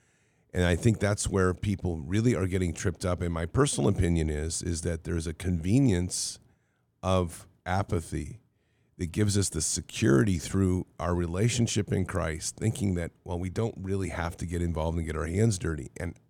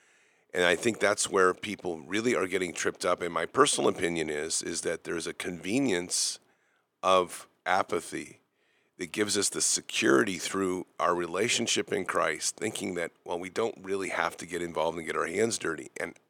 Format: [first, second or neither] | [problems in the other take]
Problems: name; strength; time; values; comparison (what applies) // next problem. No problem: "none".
first | thin; very; fading below 400 Hz